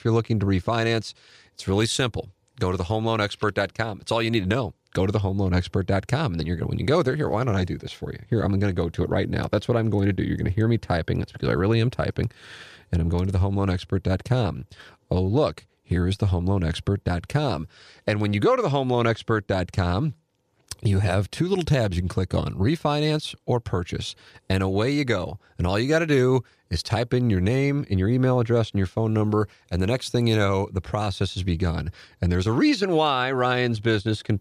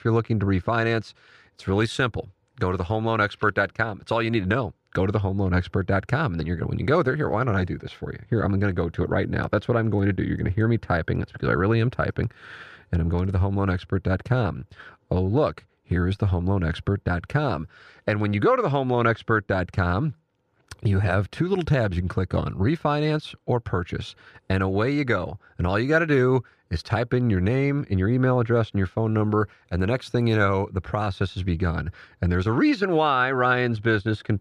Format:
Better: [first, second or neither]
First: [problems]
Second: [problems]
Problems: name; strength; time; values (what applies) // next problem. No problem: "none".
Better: first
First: none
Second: muffled; slightly; fading above 4 kHz